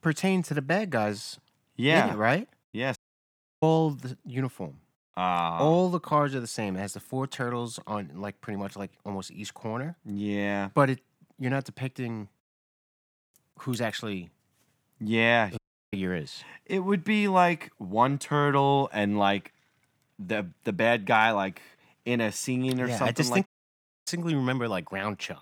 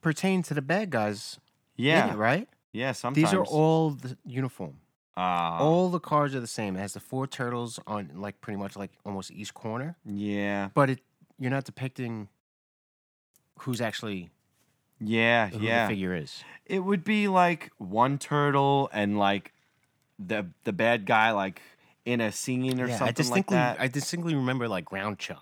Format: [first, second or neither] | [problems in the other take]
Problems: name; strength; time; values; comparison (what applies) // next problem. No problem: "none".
second | audio cutting out; at 3 s for 0.5 s, at 16 s and at 23 s for 0.5 s